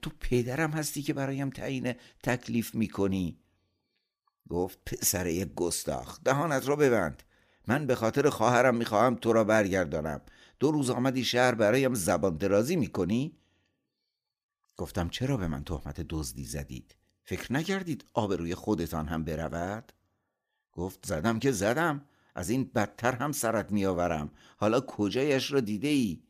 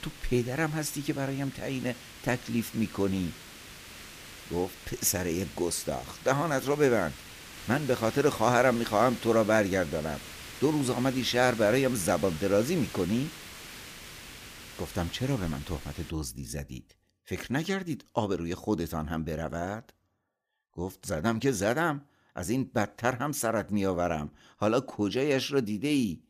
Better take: first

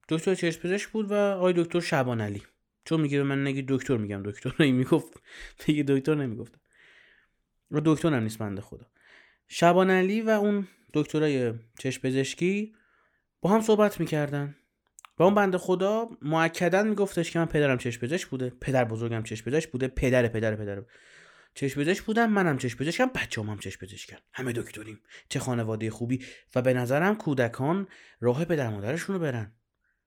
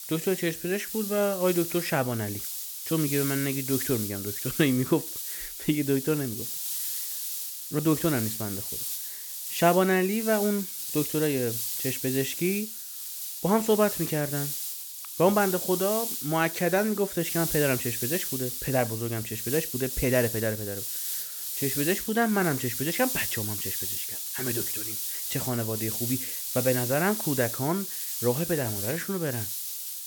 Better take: first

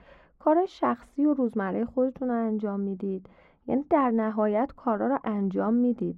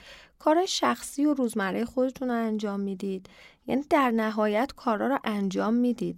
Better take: second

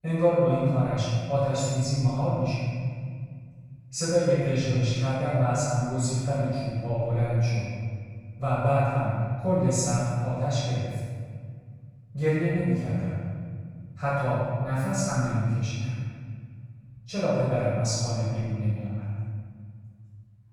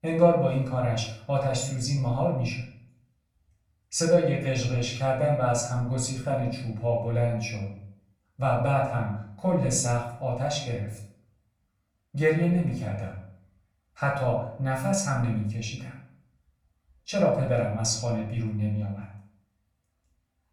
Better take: second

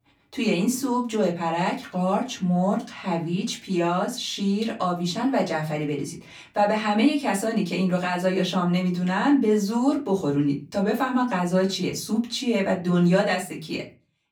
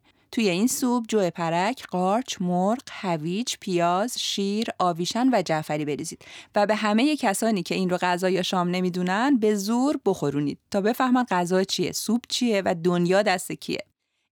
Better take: second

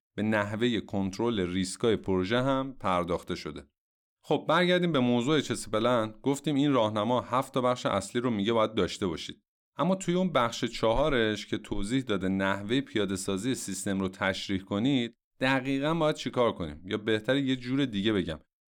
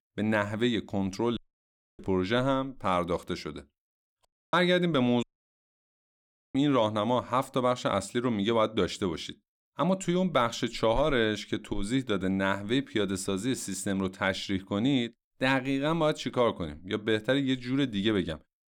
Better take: first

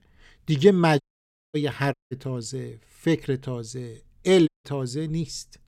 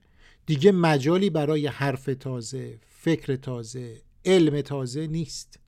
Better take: second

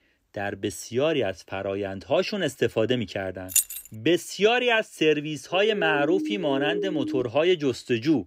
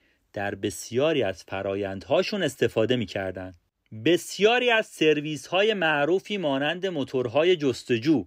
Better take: second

